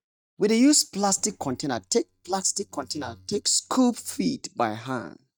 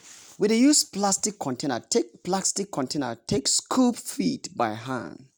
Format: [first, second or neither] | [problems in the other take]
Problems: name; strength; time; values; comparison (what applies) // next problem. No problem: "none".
second | noise reduction (neural mask model DeepFilterNet 3)